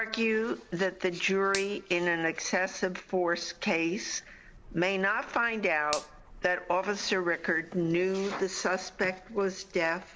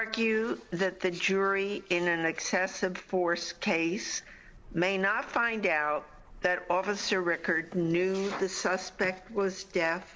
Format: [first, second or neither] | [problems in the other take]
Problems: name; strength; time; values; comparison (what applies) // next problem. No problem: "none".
second | background sound (Finger snapping); 14 dB below the speech